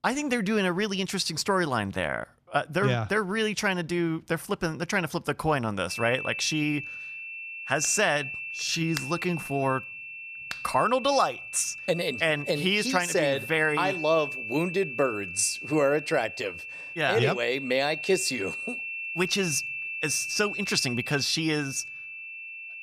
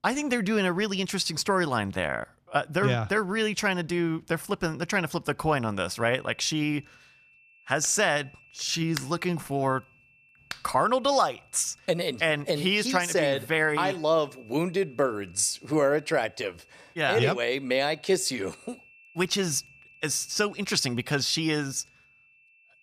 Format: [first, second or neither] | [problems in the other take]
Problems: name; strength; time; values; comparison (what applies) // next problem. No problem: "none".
second | high-pitched whine; loud; from 6 s on; 2.5 kHz, 7 dB below the speech; faint in the second